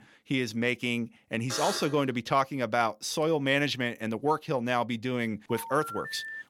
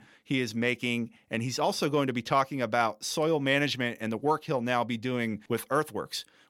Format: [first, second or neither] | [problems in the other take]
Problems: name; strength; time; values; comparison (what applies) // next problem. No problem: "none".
second | alarm; noticeable; at 1.5 s; peak 4 dB below the speech // phone ringing; noticeable; at 5.5 s; peak 8 dB below the speech